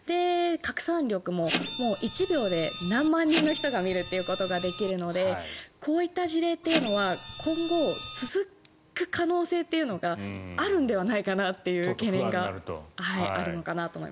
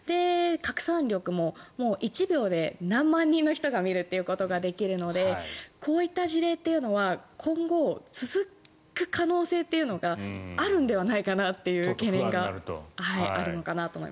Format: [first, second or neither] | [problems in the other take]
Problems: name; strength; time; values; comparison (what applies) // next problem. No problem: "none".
second | background sound (Printer); 7 dB below the speech